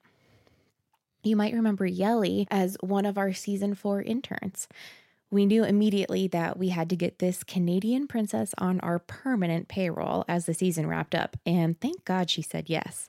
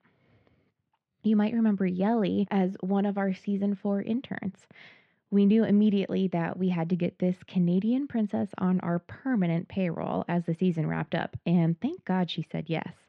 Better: first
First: none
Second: muffled; slightly; fading above 3 kHz

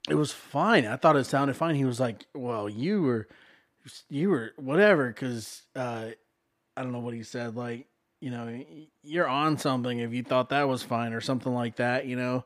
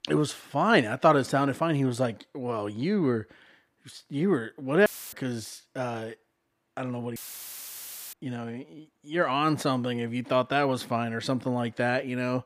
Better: first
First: none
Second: audio cutting out; filled with static; at 5 s and at 7 s for 1 s

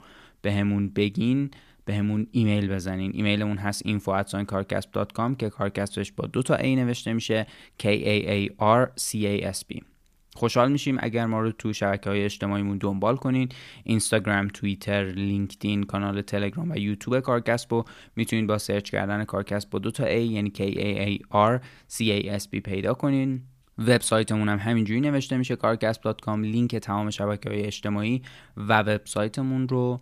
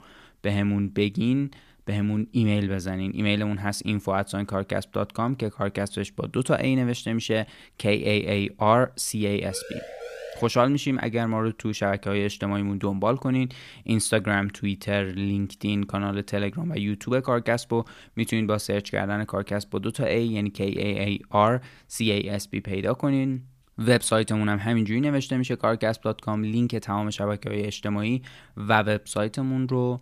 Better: first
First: none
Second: siren; faint; at 9.5 s; peak 10 dB below the speech

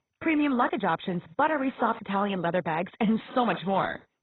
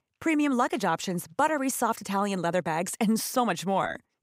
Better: second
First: garbled, watery; badly; nothing above 4 kHz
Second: none

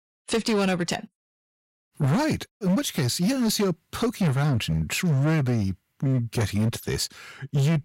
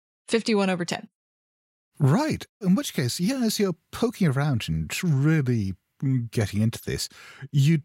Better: second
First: distortion; slight; 14% of the sound clipped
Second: none

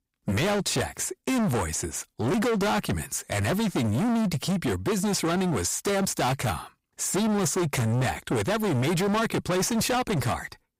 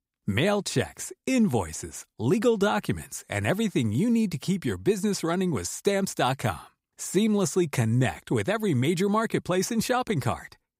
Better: second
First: distortion; heavy; 32% of the sound clipped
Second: none

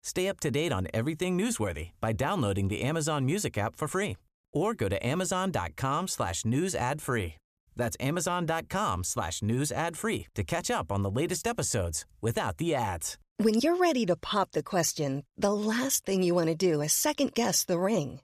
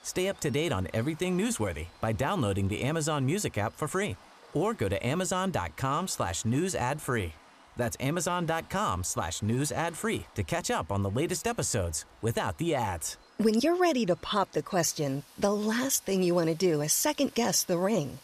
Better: first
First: none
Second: rain or running water; faint; throughout; 25 dB below the speech

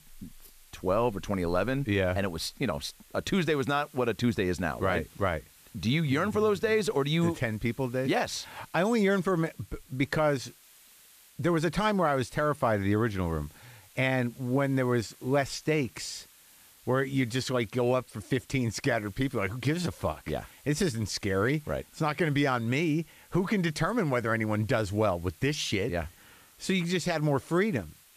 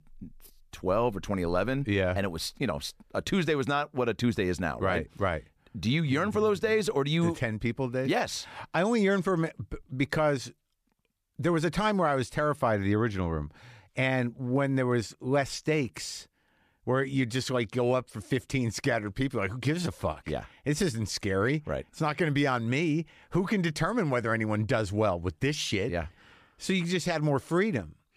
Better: second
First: hiss; faint; throughout; 25 dB below the speech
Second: none

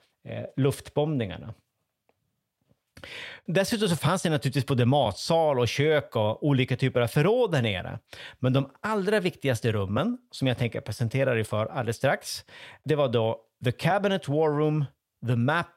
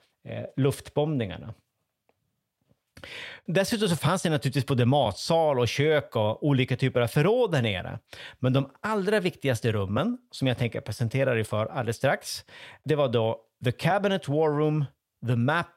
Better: neither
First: none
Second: none

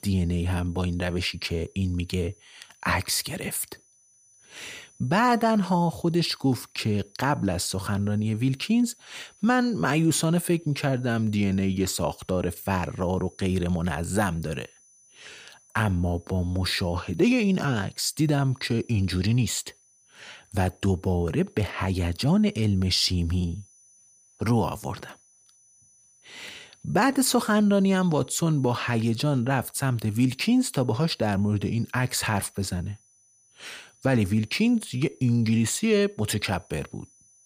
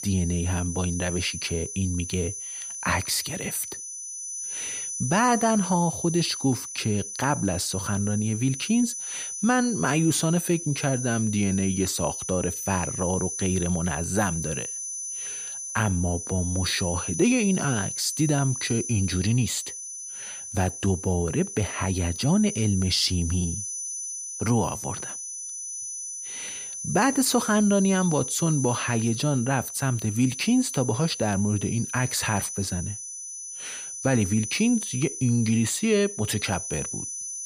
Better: first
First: high-pitched whine; faint; throughout; 6 kHz, 30 dB below the speech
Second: high-pitched whine; loud; throughout; 6 kHz, 6 dB below the speech

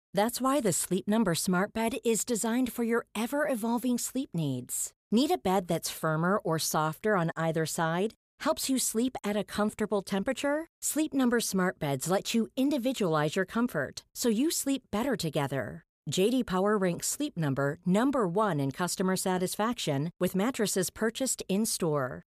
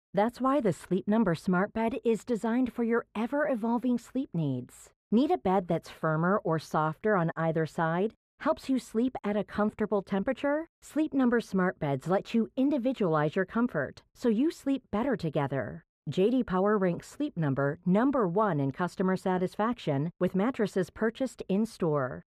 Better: first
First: none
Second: muffled; very; fading above 3.5 kHz

